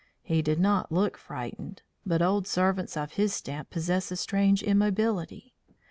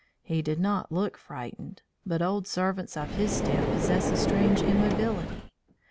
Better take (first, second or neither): first